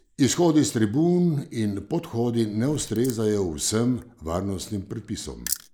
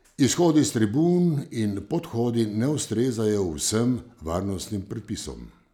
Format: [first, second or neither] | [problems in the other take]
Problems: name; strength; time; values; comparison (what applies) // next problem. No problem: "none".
second | noise reduction (neural mask model Resemble Enhance denoiser)